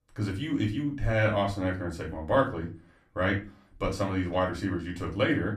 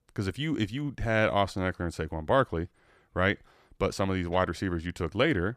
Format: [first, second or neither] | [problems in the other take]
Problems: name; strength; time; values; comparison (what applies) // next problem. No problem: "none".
second | off-mic speech; far // room echo; very slight; dies away in 0.3 s